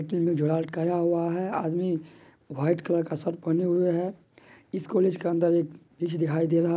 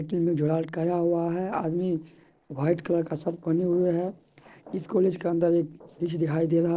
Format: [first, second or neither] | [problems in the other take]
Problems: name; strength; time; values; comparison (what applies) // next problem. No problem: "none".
first | noise reduction (neural separator model SepFormer DNS4)